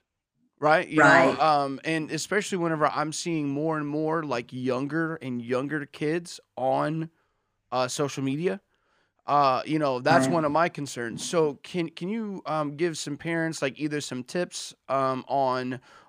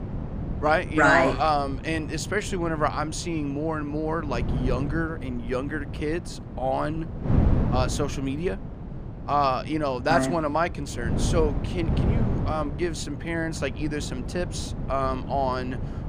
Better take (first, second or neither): first